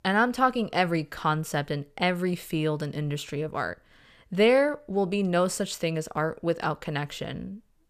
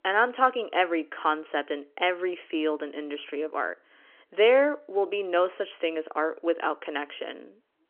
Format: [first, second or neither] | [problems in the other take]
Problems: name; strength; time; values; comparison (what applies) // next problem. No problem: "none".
first | phone-call audio; nothing above 3 kHz